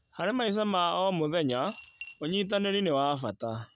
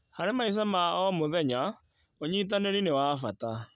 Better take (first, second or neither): second